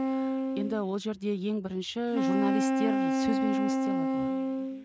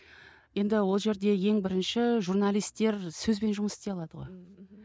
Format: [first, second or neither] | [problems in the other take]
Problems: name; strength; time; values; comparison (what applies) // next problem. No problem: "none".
second | background sound (Wind instrument, woodwind instrument); 4 dB above the speech